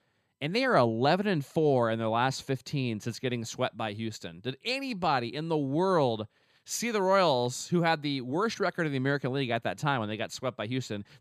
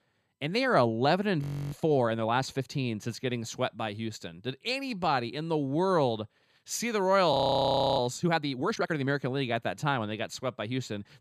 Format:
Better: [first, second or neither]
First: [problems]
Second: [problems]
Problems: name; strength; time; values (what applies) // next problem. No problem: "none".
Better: first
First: none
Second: audio freezing; at 1.5 s and at 7.5 s for 0.5 s